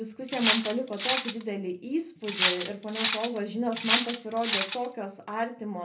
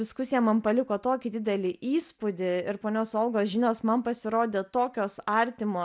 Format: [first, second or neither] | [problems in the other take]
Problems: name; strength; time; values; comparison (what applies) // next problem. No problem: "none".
second | background sound (Cutlery, silverware); 1 dB above the speech // room echo; dies away in 0.3 s